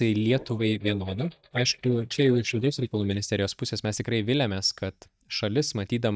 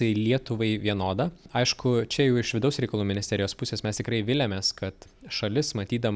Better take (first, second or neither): second